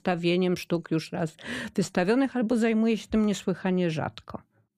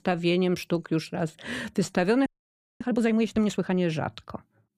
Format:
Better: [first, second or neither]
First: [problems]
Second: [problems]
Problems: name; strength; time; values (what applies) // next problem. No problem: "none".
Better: first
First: none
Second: audio freezing; at 2.5 s for 0.5 s